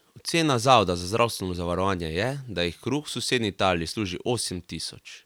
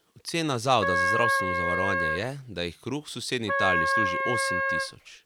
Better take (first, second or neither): first